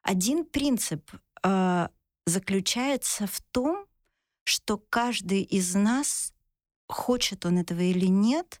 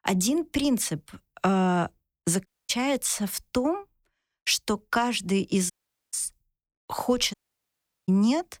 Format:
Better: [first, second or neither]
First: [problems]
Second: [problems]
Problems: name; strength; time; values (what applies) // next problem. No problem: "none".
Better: first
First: none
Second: audio cutting out; at 2.5 s, at 5.5 s and at 7.5 s for 0.5 s